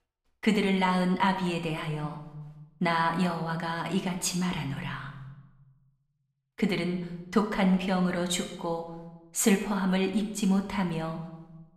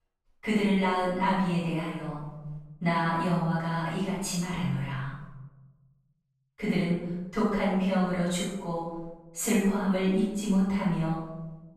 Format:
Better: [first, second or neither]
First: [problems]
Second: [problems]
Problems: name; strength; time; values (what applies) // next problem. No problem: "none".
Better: first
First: room echo; slight; dies away in 0.8 s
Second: room echo; strong; dies away in 1 s // off-mic speech; far